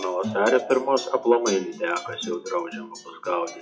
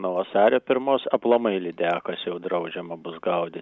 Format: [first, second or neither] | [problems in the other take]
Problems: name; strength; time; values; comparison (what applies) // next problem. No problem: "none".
second | noise reduction (classical method WPE with log-MMSE)